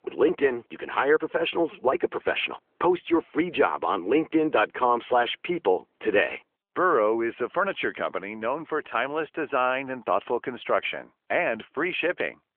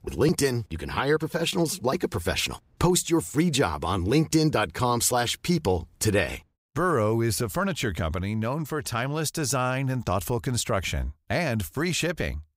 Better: second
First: phone-call audio; nothing above 3.5 kHz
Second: none

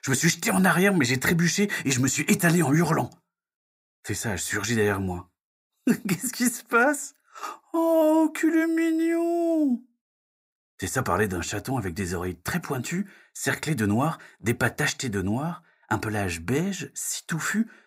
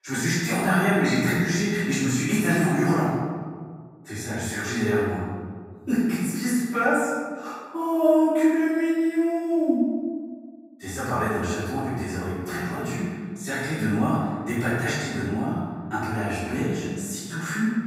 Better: first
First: none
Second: room echo; strong; dies away in 1.6 s // off-mic speech; far

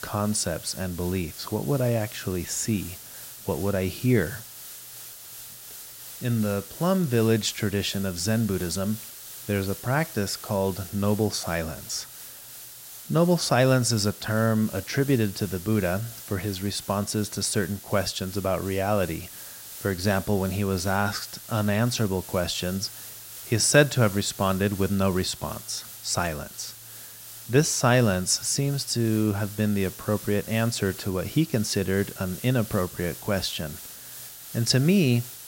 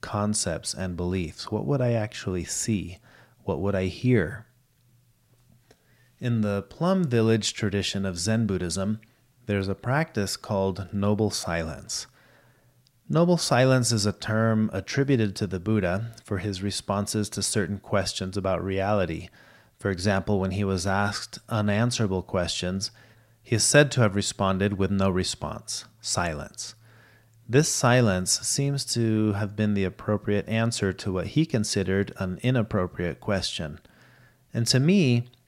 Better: second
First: hiss; noticeable; throughout; 15 dB below the speech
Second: none

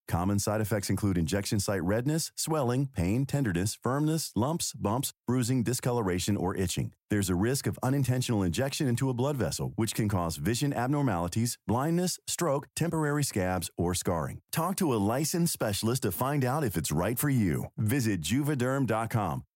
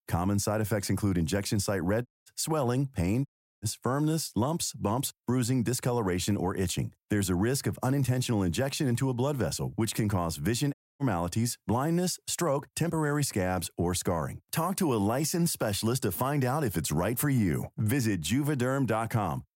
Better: first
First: none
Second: audio cutting out; at 2 s, at 3.5 s and at 11 s

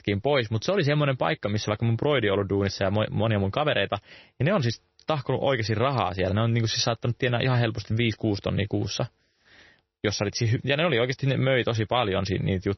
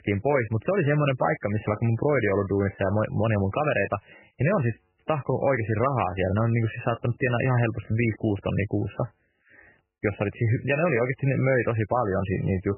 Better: first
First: garbled, watery; slightly; nothing above 6 kHz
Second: garbled, watery; badly; nothing above 3 kHz

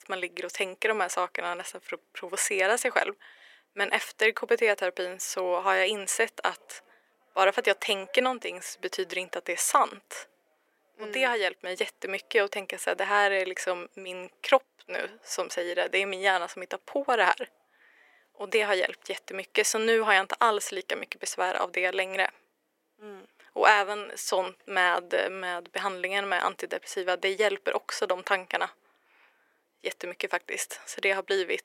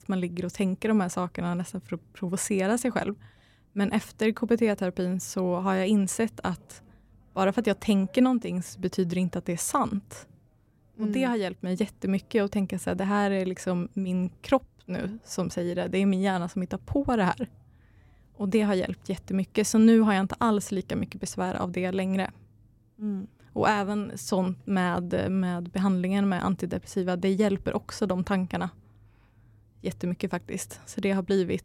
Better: second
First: thin; very; fading below 450 Hz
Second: none

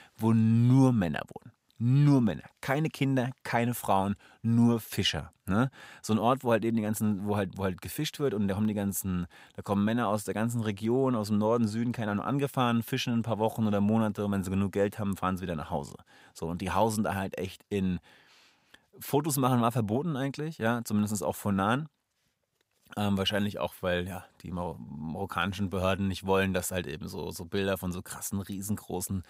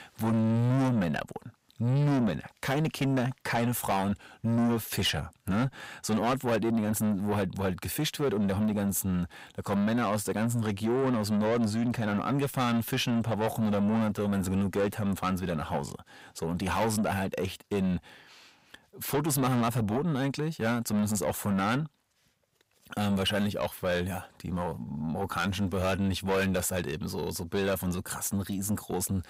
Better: first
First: none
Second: distortion; heavy; 8 dB below the speech

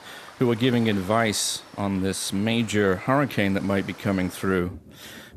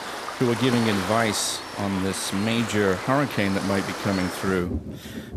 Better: first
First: rain or running water; faint; throughout; 20 dB below the speech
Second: rain or running water; loud; throughout; 7 dB below the speech

